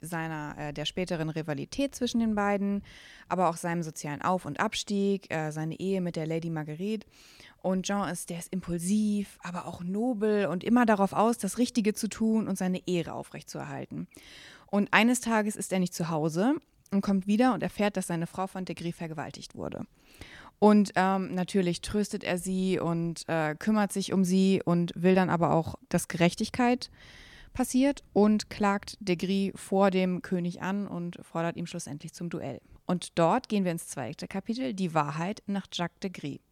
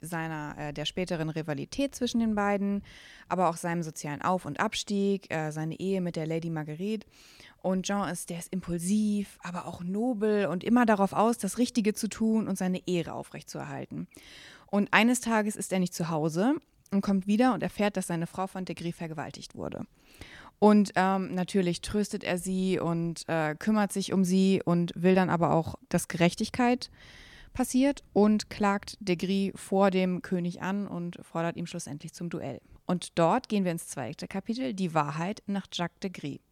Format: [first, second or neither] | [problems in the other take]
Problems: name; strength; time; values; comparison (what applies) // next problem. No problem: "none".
neither | none